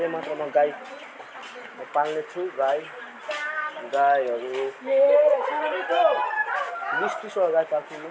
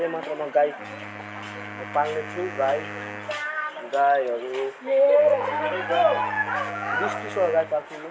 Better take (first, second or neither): first